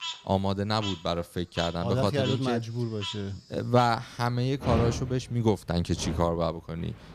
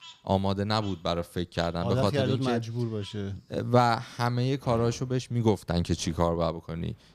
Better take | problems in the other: second | animal sounds; loud; throughout; 8 dB below the speech; faint in the second

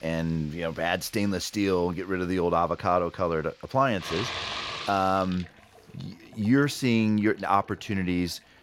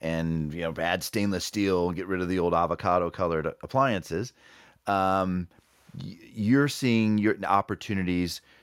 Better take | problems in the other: second | household noises; loud; throughout; 8 dB below the speech

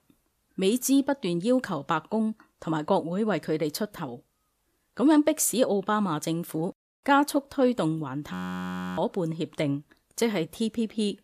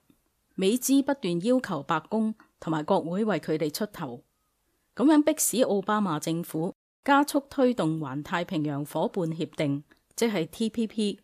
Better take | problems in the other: second | audio freezing; at 8.5 s for 0.5 s

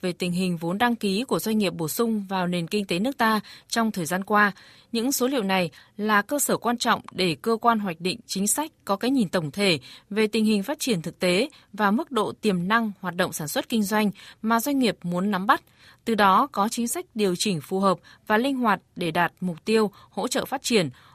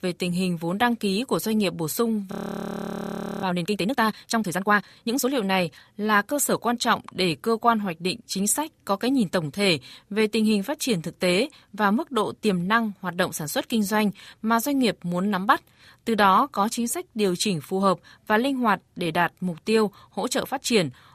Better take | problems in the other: first | audio freezing; at 2.5 s for 1 s

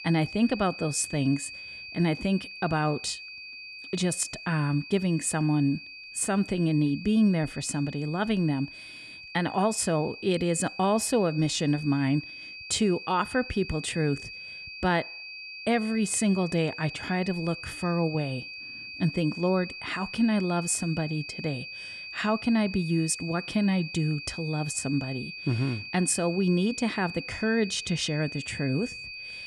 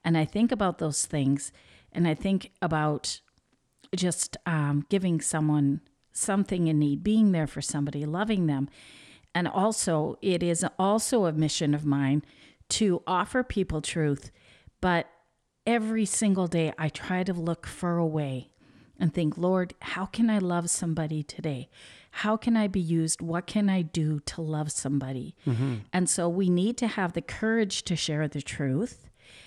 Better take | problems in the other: second | high-pitched whine; noticeable; throughout; 2.5 kHz, 10 dB below the speech

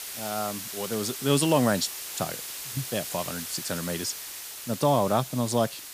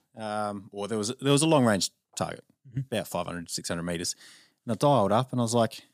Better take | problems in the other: second | hiss; loud; throughout; 7 dB below the speech

